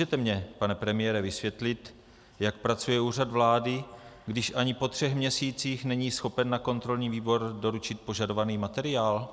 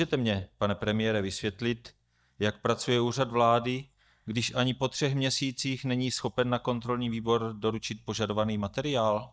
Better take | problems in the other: first | noise reduction (neural mask model DeepFilterNet 3)

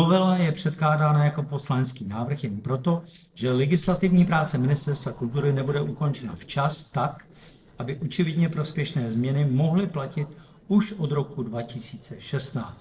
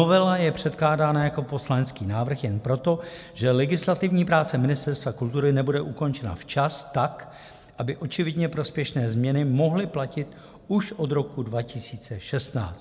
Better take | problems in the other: second | noise reduction (neural separator model SepFormer DNS4)

